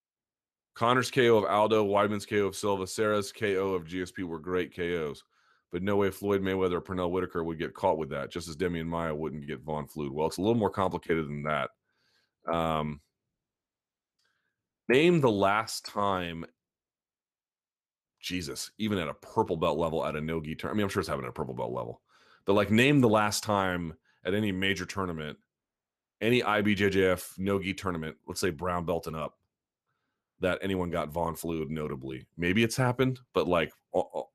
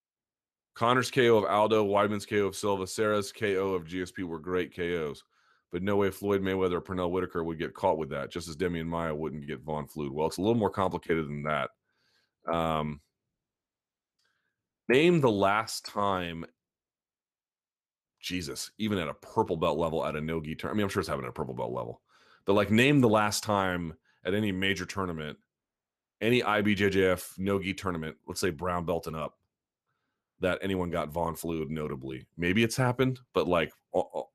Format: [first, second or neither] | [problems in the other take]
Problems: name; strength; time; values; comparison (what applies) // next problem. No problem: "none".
neither | none